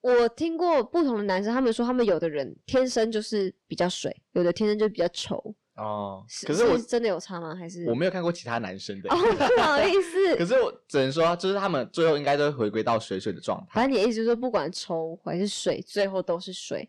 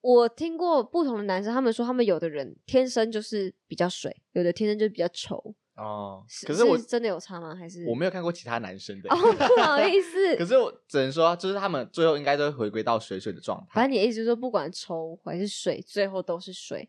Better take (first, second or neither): second